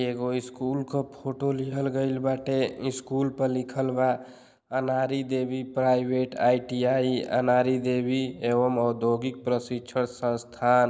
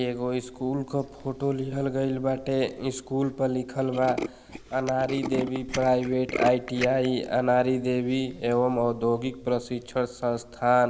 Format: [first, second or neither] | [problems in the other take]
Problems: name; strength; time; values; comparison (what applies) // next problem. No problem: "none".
first | background sound (Tools); 13 dB below the speech